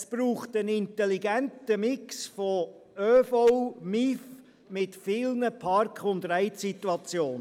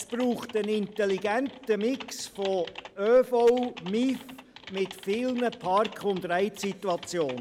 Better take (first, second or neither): first